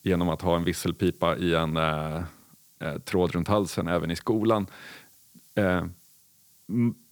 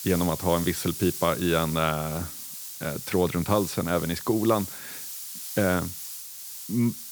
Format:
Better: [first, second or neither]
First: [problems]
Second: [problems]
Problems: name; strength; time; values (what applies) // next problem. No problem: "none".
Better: first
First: hiss; faint; throughout; 30 dB below the speech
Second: hiss; loud; throughout; 8 dB below the speech